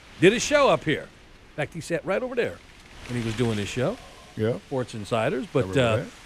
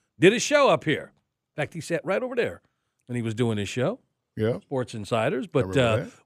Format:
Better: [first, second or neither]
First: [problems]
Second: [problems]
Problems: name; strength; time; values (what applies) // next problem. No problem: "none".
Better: second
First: wind noise on the microphone; occasional gusts; 20 dB below the speech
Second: none